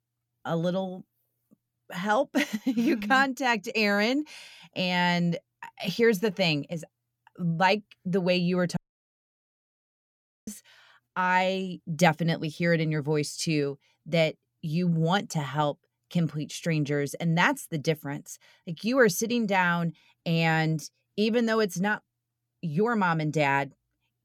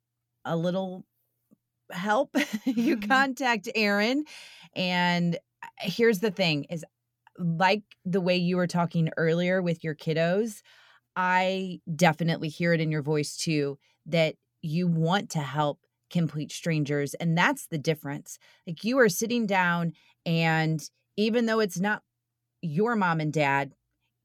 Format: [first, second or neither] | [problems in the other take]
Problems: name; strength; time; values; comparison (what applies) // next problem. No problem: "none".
second | audio cutting out; at 9 s for 1.5 s